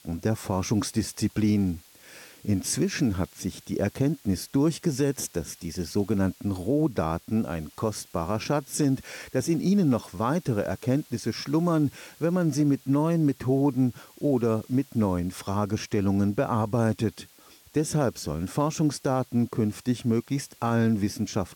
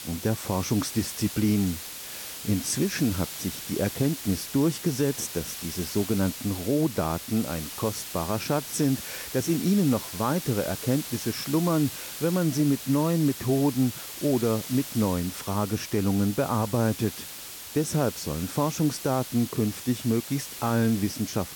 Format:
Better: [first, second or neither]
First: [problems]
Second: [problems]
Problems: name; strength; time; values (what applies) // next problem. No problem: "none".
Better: first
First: hiss; faint; throughout; 25 dB below the speech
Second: hiss; loud; throughout; 9 dB below the speech